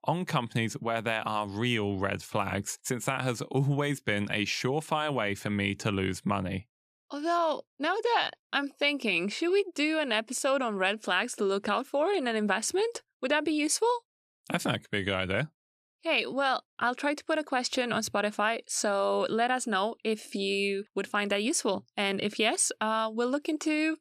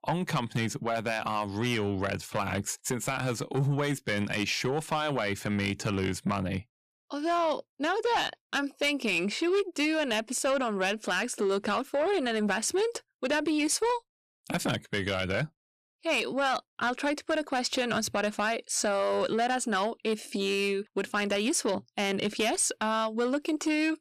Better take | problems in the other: first | distortion; slight; 10 dB below the speech

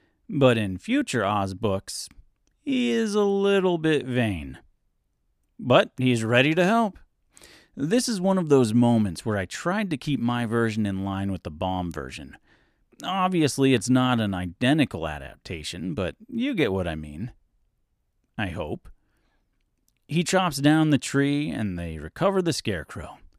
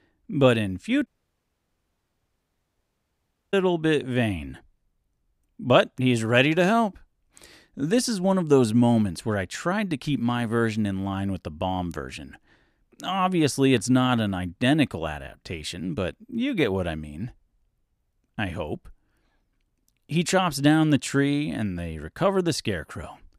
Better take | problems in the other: first | audio cutting out; at 1 s for 2.5 s

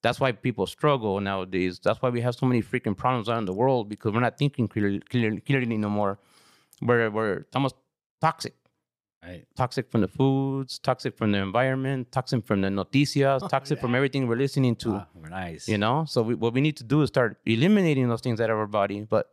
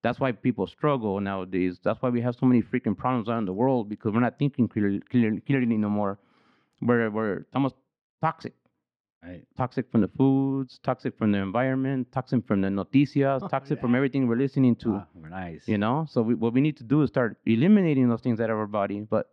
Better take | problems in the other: first | muffled; slightly; fading above 2.5 kHz

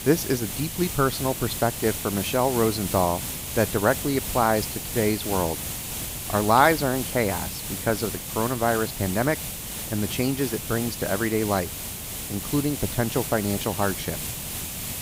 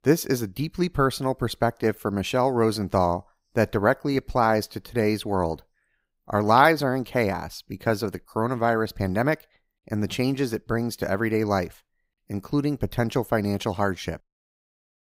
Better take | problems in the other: second | hiss; loud; throughout; 5 dB below the speech

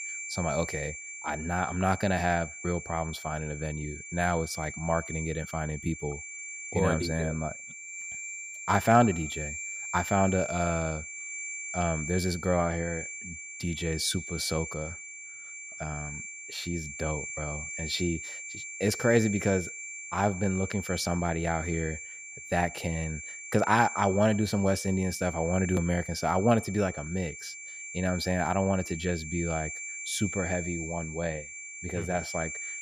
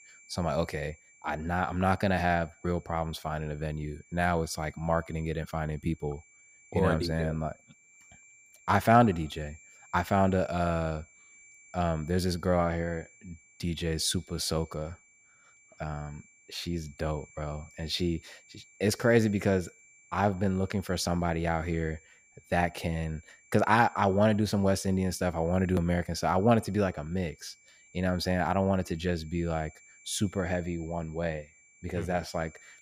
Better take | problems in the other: second | high-pitched whine; loud; throughout; 2.5 kHz, 8 dB below the speech; faint in the second

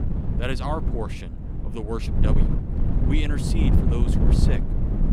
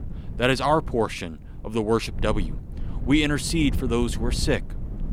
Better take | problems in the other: second | wind noise on the microphone; heavy; 2 dB below the speech; occasional gusts in the second

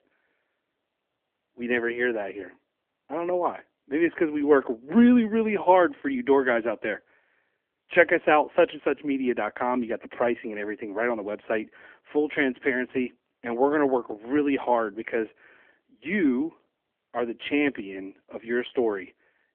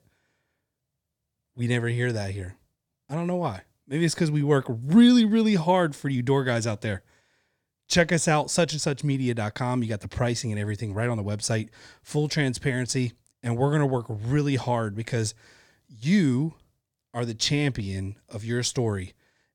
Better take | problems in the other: second | phone-call audio; nothing above 3 kHz

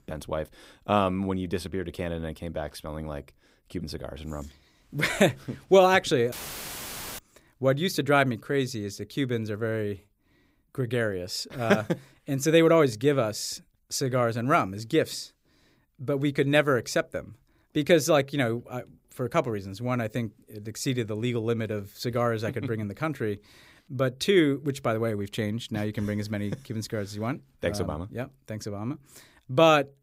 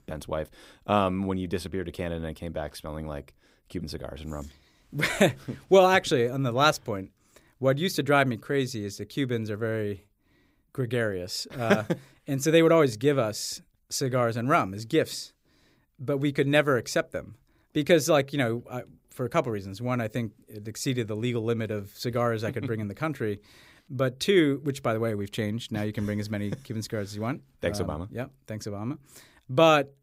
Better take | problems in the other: second | audio cutting out; filled with static; at 6.5 s for 1 s

